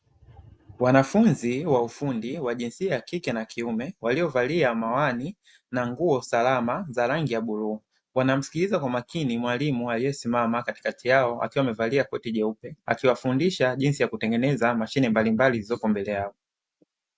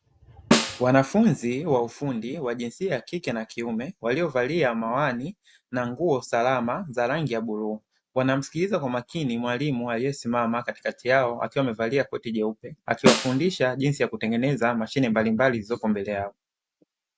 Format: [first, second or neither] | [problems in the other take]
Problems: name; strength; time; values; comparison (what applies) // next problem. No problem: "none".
first | background sound (Snare drum); 2 dB below the speech